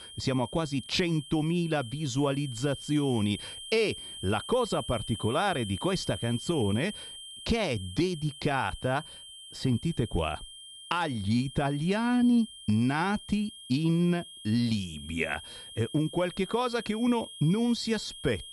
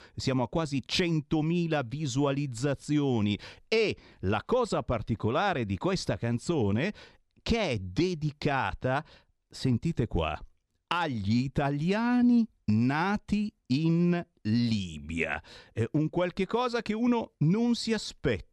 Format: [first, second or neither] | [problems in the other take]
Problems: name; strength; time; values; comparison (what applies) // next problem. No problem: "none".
second | high-pitched whine; noticeable; throughout; 3 kHz, 15 dB below the speech